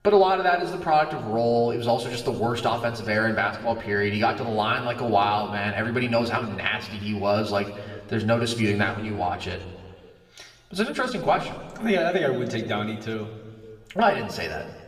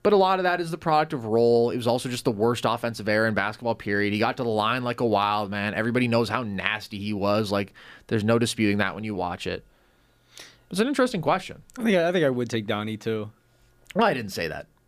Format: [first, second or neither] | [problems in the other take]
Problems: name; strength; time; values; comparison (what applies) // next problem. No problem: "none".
second | room echo; slight; dies away in 1.5 s // off-mic speech; somewhat distant